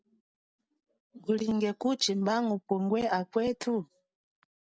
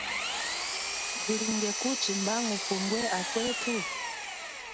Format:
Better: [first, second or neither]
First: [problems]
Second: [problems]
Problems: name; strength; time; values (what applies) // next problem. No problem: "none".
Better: first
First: none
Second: background sound (Engine); as loud as the speech